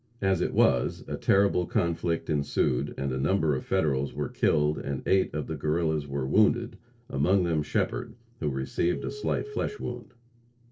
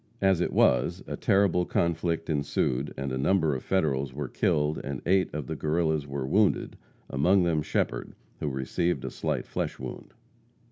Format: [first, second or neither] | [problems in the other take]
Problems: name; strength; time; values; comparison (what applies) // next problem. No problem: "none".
second | noise reduction (neural separator model SepFormer DNS4)